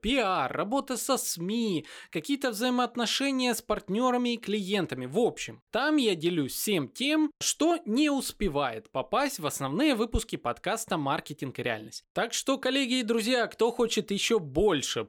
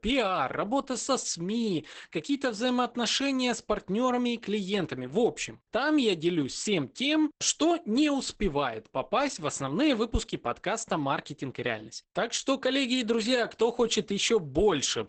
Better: first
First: none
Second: garbled, watery; badly; nothing above 8 kHz

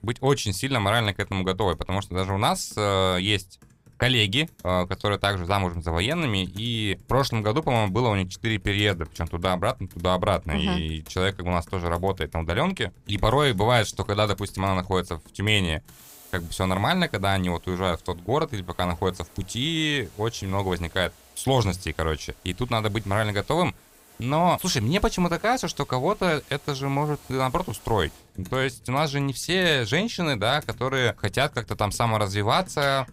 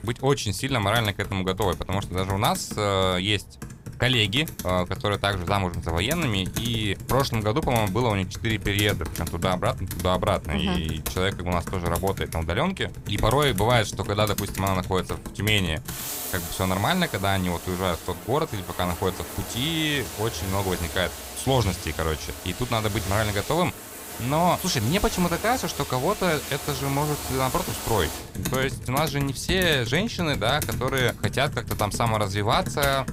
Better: first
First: household noises; faint; throughout; 25 dB below the speech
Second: household noises; loud; throughout; 9 dB below the speech

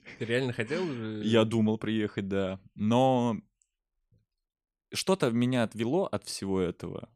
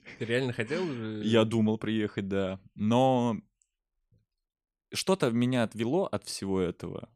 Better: neither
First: none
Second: none

